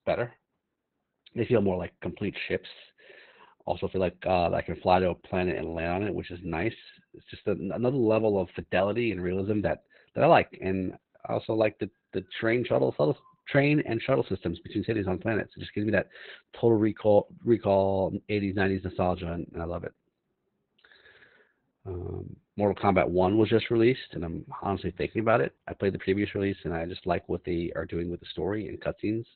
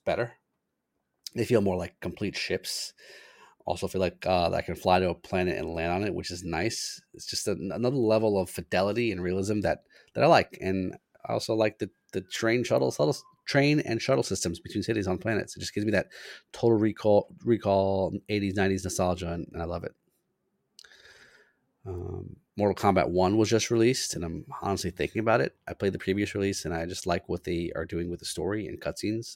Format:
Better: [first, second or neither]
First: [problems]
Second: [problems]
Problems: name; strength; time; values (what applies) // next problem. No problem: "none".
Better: second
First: garbled, watery; badly; nothing above 4 kHz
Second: none